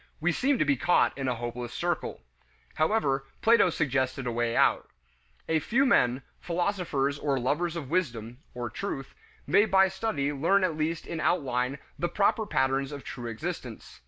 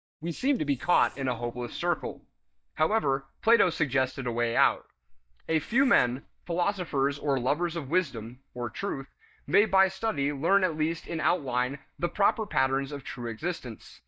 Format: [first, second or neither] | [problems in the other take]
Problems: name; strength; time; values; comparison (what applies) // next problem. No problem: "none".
first | noise reduction (neural mask model DeepFilterNet 3)